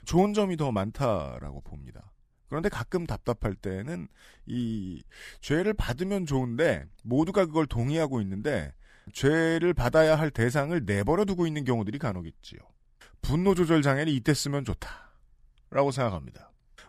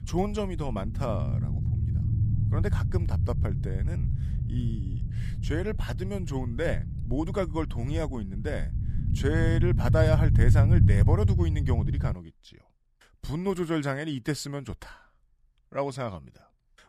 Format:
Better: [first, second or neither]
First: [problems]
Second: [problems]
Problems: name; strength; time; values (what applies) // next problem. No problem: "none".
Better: first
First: none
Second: low rumble; loud; until 12 s; 8 dB below the speech